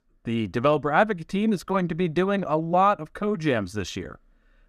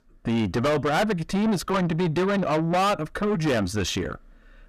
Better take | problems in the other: first | distortion; heavy; 6 dB below the speech

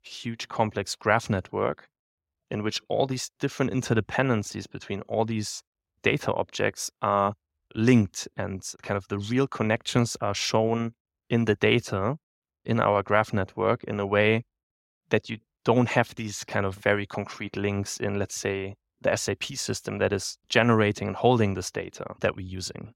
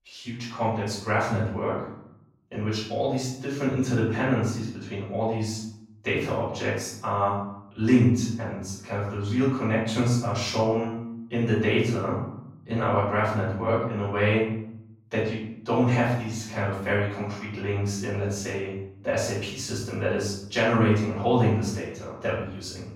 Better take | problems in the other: first | room echo; noticeable; dies away in 0.7 s // off-mic speech; far

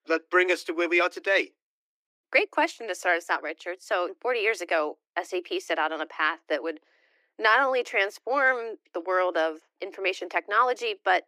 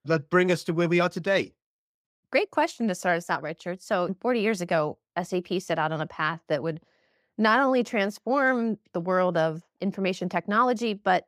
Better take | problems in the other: second | thin; very; fading below 300 Hz

